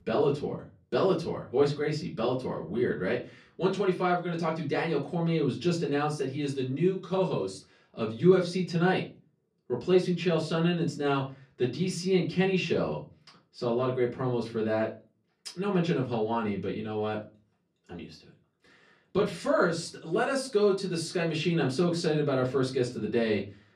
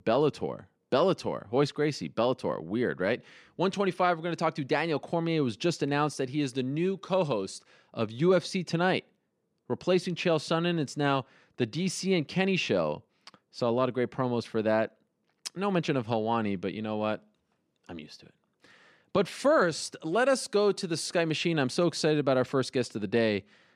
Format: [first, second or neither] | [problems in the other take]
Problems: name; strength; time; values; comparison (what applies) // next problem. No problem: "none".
second | off-mic speech; far // room echo; very slight; dies away in 0.3 s